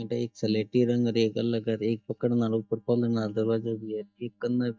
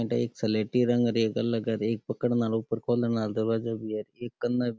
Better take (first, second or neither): second